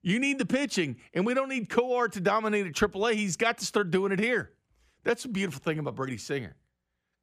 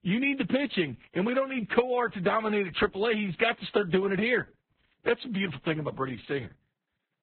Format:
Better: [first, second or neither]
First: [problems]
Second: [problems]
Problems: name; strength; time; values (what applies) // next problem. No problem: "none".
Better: first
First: none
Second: garbled, watery; badly; nothing above 4 kHz